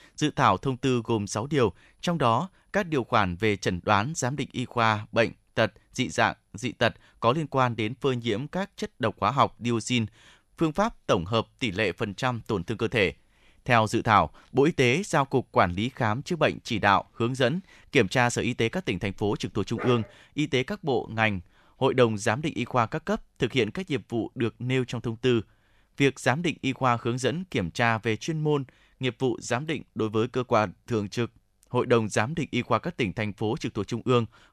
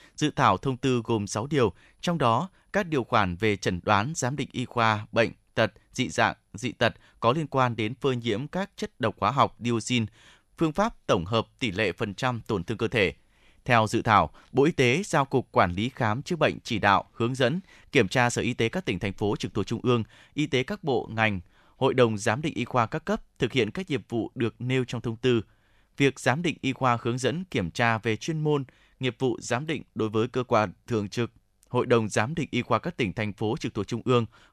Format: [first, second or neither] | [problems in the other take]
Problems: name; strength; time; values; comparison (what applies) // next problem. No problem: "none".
second | dog barking; noticeable; at 20 s; peak 10 dB below the speech